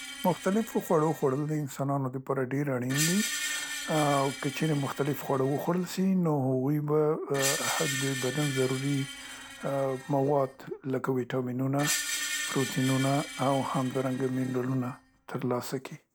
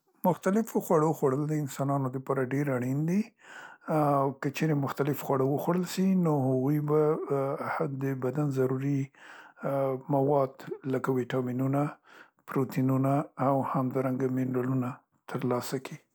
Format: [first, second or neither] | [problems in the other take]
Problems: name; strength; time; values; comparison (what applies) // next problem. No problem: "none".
second | background sound (Screech); 9 dB below the speech